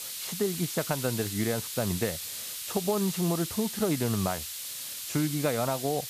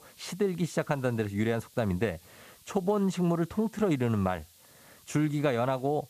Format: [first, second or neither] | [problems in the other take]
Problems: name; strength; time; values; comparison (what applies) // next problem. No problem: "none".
second | hiss; loud; throughout; 4 dB below the speech; faint in the second